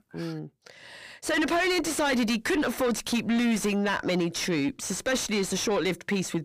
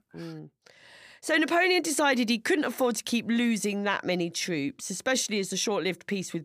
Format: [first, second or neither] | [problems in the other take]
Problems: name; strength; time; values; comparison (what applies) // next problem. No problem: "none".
second | distortion; heavy; 7 dB below the speech